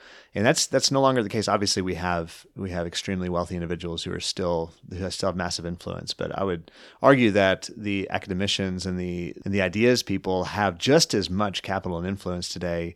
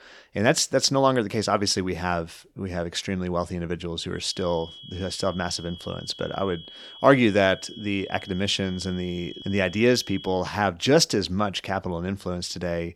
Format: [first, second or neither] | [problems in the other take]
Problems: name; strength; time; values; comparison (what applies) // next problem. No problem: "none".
first | high-pitched whine; noticeable; from 4 to 10 s; 3.5 kHz, 15 dB below the speech